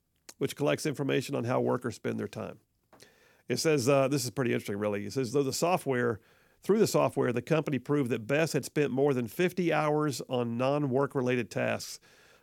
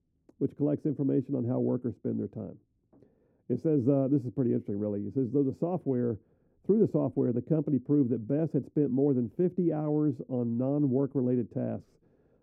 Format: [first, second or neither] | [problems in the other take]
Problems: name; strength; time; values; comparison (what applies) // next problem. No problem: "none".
first | muffled; very; fading above 1 kHz